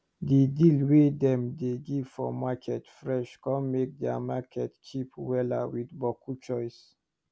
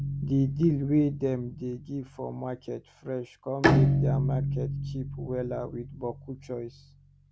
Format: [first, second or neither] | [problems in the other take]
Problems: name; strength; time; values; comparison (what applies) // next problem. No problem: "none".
first | background sound (Bowed string instrument); 1 dB above the speech